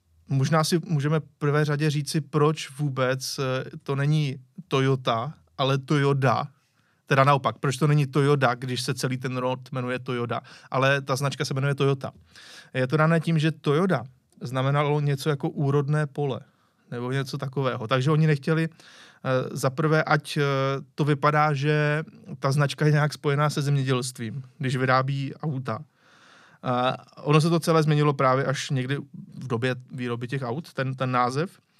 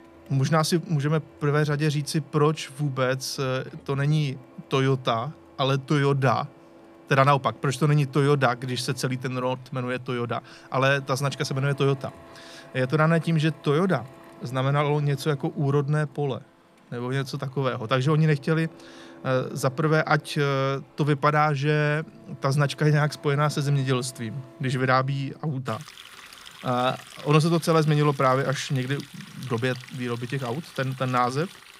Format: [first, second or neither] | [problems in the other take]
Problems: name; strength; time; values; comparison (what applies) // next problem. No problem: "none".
first | household noises; faint; throughout; 20 dB below the speech